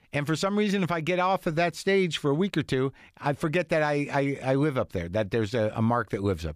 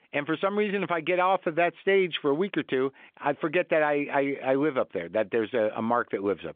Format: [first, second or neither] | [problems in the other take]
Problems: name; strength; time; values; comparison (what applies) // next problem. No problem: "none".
first | phone-call audio; nothing above 3.5 kHz